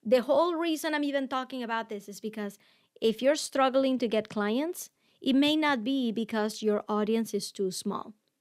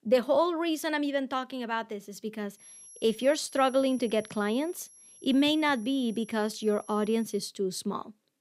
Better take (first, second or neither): first